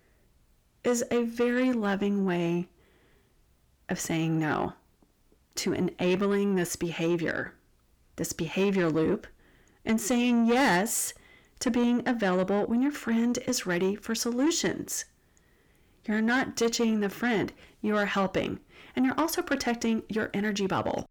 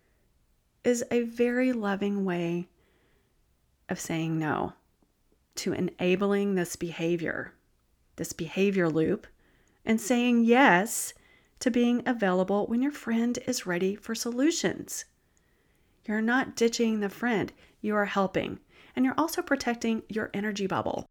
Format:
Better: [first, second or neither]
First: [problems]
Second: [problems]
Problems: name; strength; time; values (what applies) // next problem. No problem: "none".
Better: second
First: distortion; slight; 10 dB below the speech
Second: none